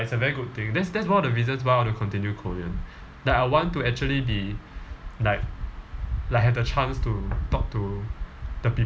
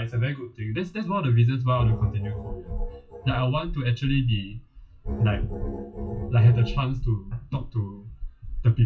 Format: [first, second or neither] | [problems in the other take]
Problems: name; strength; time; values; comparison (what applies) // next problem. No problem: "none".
first | noise reduction (classical method WPE with log-MMSE)